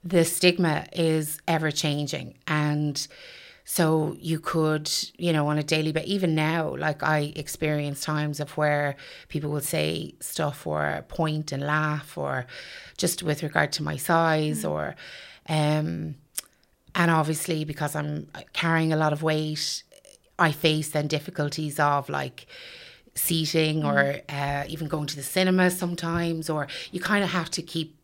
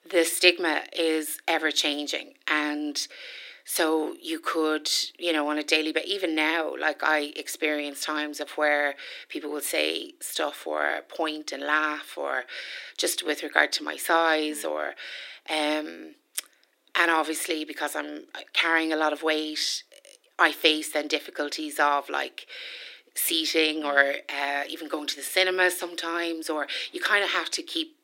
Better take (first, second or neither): first